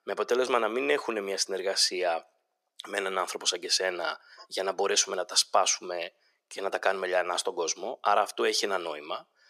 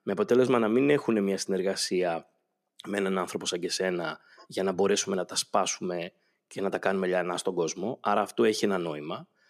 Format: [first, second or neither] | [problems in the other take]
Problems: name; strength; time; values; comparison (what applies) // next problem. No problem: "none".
second | thin; very; fading below 650 Hz